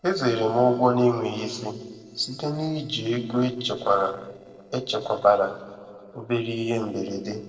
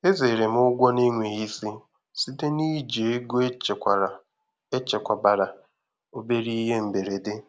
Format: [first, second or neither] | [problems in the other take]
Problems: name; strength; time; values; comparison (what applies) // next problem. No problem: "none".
second | noise reduction (neural separator model SepFormer DNS4)